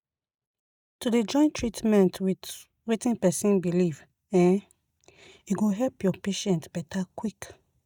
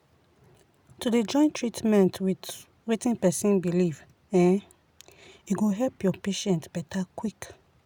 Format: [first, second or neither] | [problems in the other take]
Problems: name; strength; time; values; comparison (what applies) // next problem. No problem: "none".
second | noise reduction (neural mask model DeepFilterNet 3)